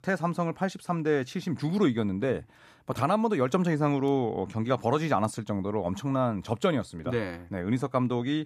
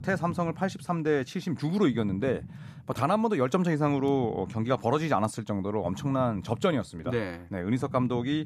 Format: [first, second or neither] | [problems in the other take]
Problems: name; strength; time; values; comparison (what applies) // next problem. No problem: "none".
first | low rumble; faint; throughout; 25 dB below the speech